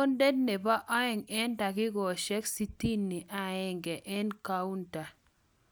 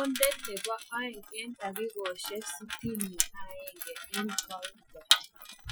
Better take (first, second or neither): first